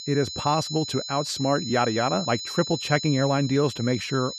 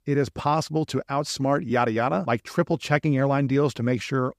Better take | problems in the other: second | high-pitched whine; loud; throughout; 4 kHz, 7 dB below the speech

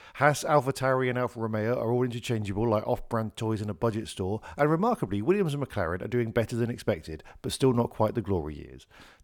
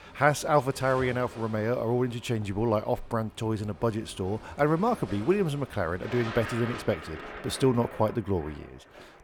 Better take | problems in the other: first | rain or running water; noticeable; throughout; 15 dB below the speech

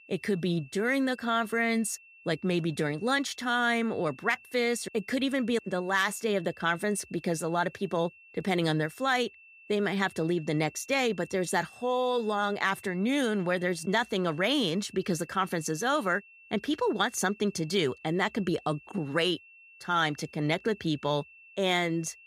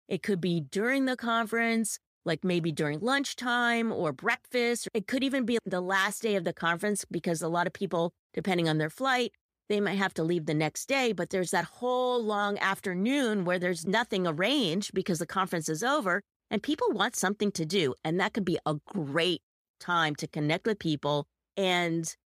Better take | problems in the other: second | high-pitched whine; faint; throughout; 2.5 kHz, 25 dB below the speech

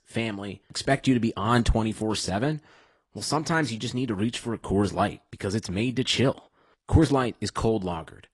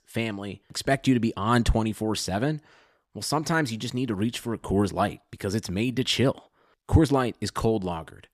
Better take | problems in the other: second | garbled, watery; slightly; nothing above 10.5 kHz

